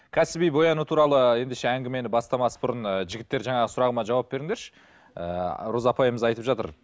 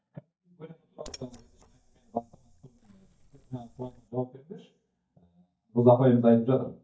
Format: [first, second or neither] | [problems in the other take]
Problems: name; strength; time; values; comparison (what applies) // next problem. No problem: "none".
first | noise reduction (neural mask model DeepFilterNet 3)